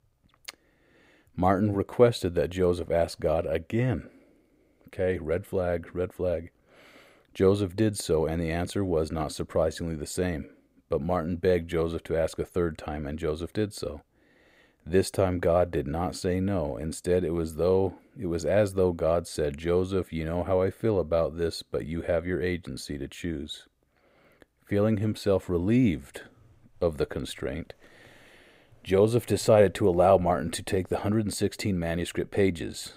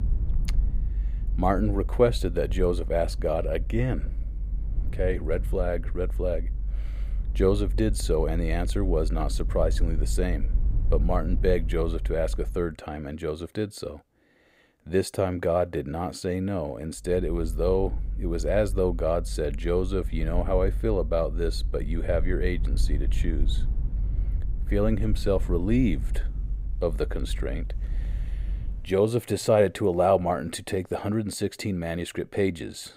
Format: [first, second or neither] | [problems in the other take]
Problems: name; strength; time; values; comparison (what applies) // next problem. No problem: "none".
first | low rumble; faint; until 13 s and from 17 to 29 s; 20 dB below the speech